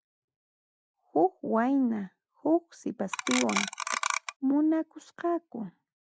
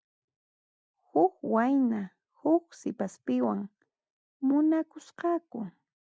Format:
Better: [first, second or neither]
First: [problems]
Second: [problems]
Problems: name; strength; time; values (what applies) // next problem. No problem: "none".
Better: second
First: background sound (Clock); 1 dB below the speech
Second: none